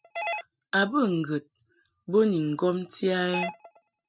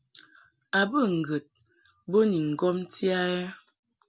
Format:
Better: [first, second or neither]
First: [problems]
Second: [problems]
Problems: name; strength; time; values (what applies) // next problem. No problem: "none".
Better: second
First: noise reduction (neural mask model RNNoise)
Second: none